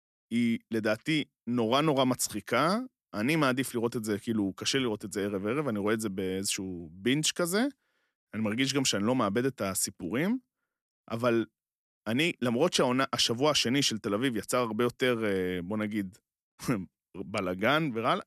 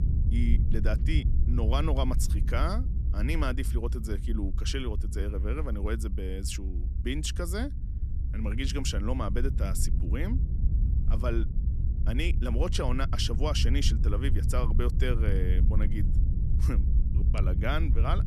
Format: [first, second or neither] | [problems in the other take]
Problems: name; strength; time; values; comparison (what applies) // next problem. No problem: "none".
first | low rumble; noticeable; throughout; 10 dB below the speech